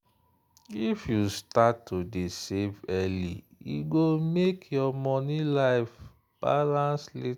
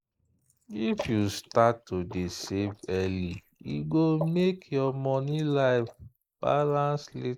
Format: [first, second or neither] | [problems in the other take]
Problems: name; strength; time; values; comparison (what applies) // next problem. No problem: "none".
first | noise reduction (neural mask model Resemble Enhance denoiser)